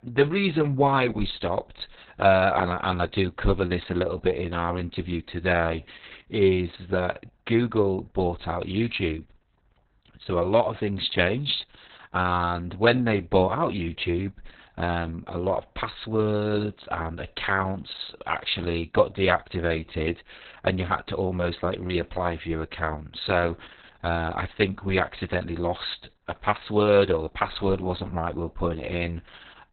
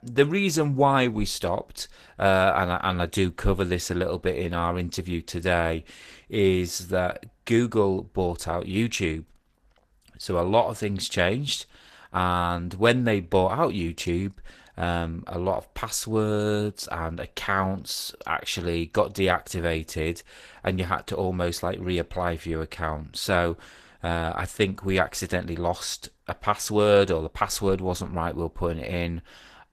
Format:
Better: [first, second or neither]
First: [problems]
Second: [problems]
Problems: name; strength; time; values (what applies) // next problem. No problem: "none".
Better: second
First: garbled, watery; badly; nothing above 4 kHz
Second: garbled, watery; slightly; nothing above 14 kHz